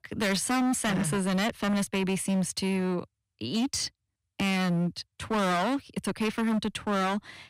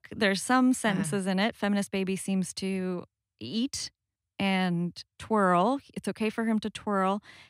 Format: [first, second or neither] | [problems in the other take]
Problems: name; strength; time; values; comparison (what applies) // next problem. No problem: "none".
second | distortion; heavy; 22% of the sound clipped